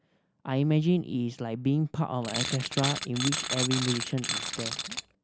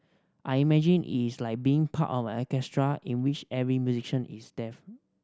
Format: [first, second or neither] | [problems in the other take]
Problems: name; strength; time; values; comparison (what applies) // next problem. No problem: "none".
second | background sound (Tools); 3 dB below the speech